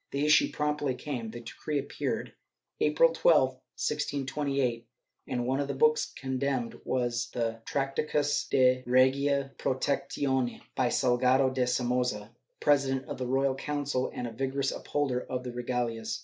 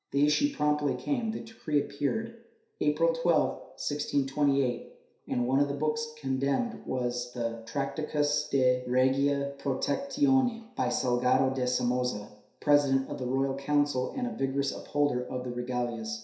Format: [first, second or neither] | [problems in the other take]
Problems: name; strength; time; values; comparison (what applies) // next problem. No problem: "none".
first | room echo; dies away in 0.7 s